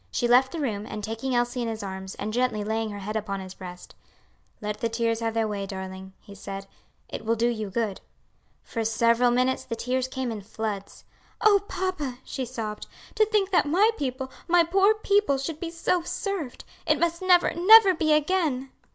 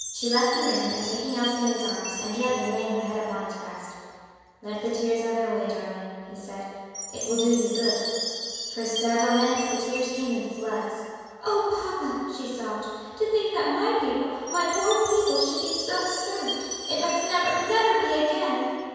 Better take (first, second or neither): first